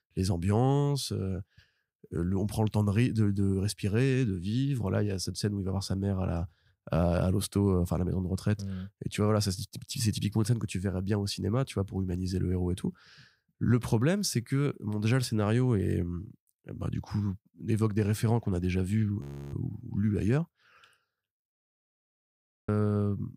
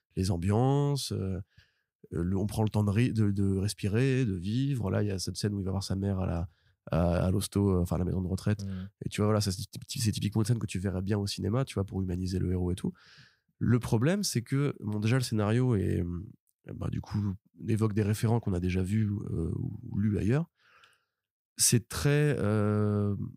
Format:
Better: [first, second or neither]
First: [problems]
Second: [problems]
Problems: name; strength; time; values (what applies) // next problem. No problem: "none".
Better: second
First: audio freezing; at 19 s and at 22 s for 1 s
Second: none